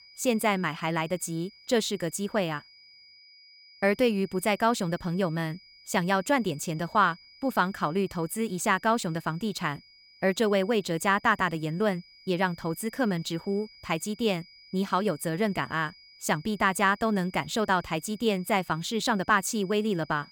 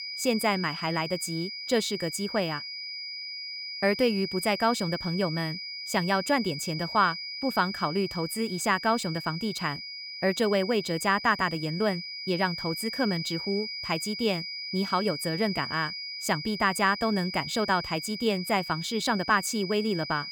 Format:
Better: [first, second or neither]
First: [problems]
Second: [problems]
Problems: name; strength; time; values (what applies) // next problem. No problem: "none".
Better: first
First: high-pitched whine; faint; throughout; 5 kHz, 25 dB below the speech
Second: high-pitched whine; loud; throughout; 5 kHz, 7 dB below the speech